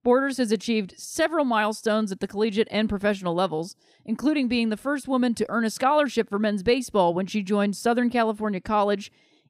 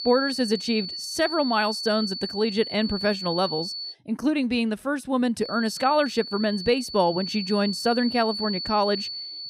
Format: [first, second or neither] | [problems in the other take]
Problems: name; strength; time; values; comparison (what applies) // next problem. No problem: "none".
first | high-pitched whine; loud; until 4 s and from 5.5 s on; 4.5 kHz, 6 dB below the speech